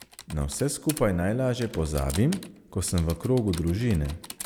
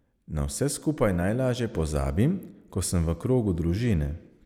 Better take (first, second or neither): second